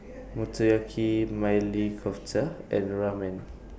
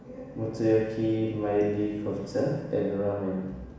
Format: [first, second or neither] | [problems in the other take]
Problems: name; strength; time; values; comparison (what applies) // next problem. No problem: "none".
first | room echo; dies away in 1.1 s